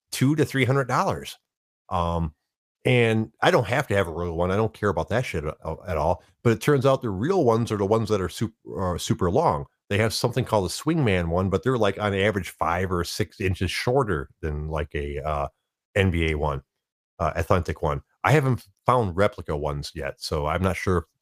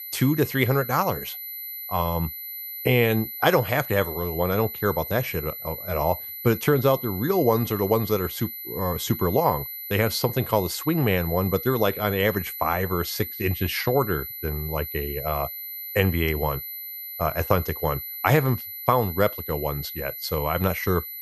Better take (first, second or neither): first